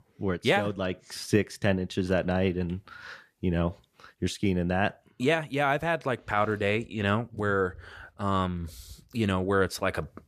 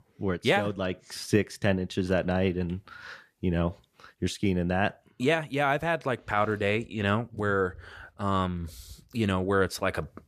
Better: neither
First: none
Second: none

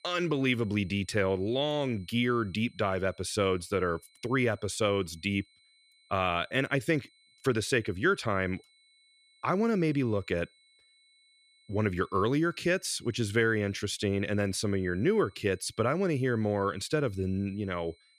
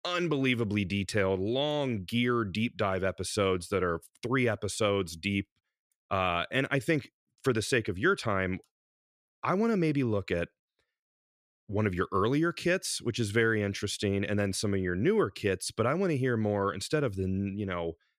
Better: second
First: high-pitched whine; faint; throughout; 4 kHz, 30 dB below the speech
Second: none

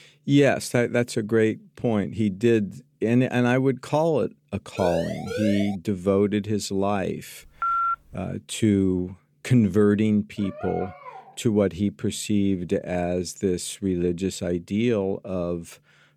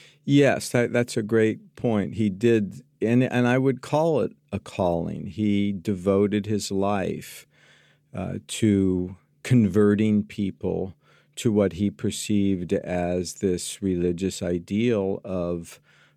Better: second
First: siren; noticeable; at 5 s; peak 6 dB below the speech // phone ringing; loud; at 7.5 s; peak 1 dB above the speech // dog barking; faint; at 10 s; peak 10 dB below the speech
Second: none

